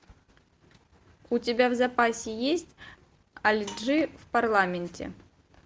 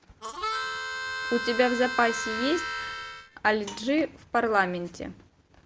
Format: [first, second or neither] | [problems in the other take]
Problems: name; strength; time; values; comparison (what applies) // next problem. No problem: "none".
first | background sound (Harmonica); 5 dB below the speech